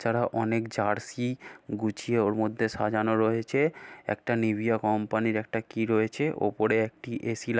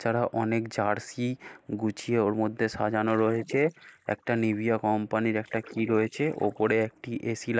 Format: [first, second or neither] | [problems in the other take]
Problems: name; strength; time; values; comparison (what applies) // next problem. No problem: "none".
first | noise reduction (neural mask model Resemble Enhance denoiser)